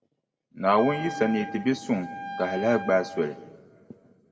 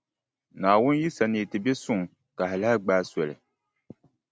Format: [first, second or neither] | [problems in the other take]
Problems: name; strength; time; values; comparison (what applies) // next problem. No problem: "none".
second | background sound (Wind instrument, woodwind instrument); 10 dB below the speech // room echo; dies away in 1.5 s